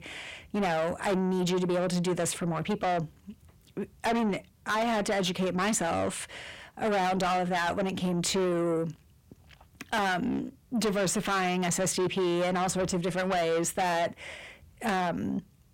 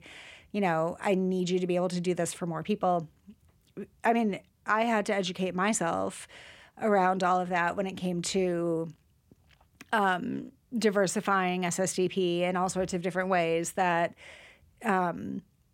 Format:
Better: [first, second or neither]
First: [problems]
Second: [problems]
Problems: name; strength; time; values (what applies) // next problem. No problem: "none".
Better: second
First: distortion; heavy; 6 dB below the speech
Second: none